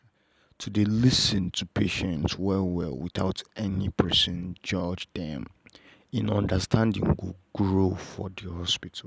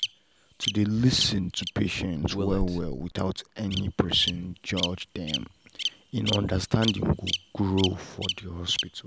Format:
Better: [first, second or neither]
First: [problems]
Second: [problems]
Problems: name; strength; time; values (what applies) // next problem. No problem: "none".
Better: first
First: none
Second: background sound (Bird vocalization, bird call, bird song); 7 dB below the speech